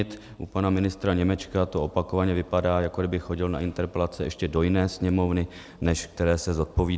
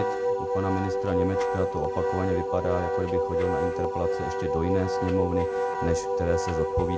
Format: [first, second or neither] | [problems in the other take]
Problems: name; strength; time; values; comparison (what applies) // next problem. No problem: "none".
first | background sound (Wind instrument, woodwind instrument); 2 dB above the speech // room echo; dies away in 0.4 s